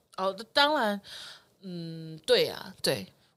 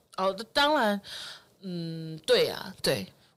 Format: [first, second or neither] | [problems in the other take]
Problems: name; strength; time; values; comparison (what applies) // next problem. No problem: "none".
first | distortion; slight; 10 dB below the speech